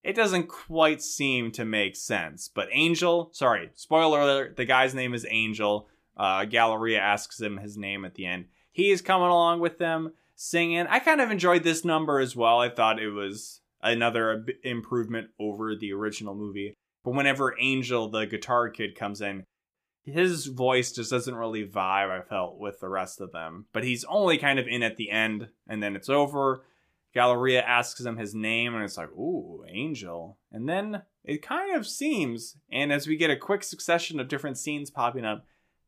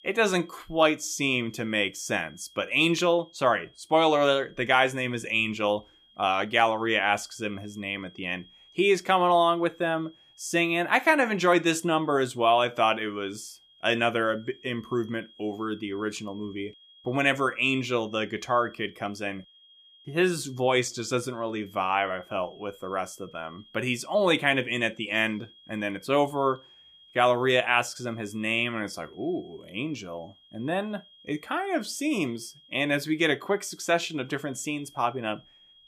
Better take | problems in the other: first | high-pitched whine; faint; throughout; 3.5 kHz, 25 dB below the speech

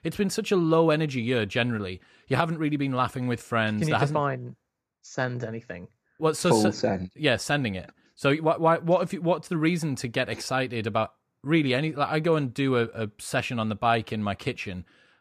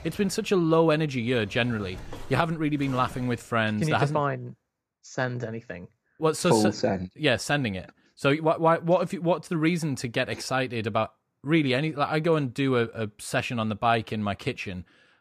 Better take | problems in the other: first | household noises; faint; until 3.5 s; 20 dB below the speech

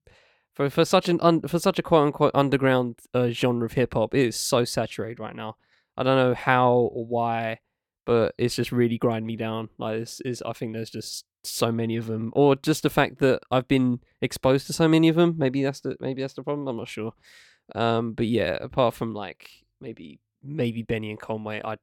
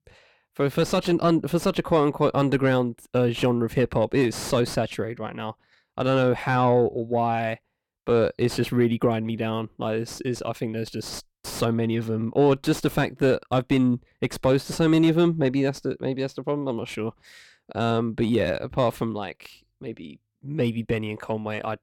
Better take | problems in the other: first | distortion; slight; 10 dB below the speech

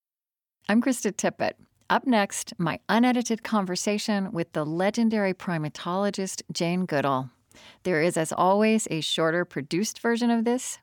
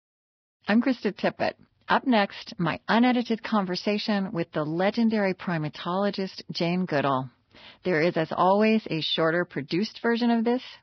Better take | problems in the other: first | garbled, watery; badly; nothing above 5.5 kHz

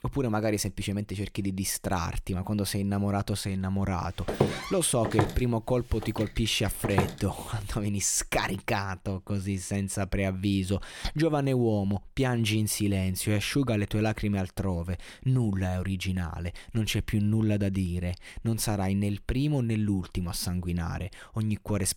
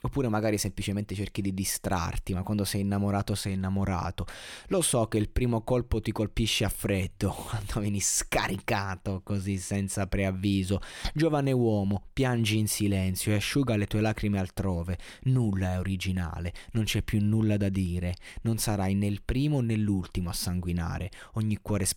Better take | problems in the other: second | footsteps; loud; from 4.5 to 7 s; peak 1 dB above the speech

